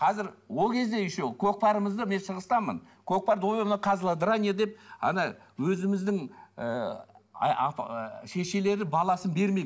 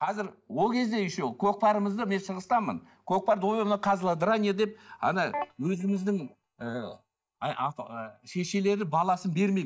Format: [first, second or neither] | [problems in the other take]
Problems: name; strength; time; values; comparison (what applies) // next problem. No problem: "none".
first | noise reduction (neural mask model DeepFilterNet 3)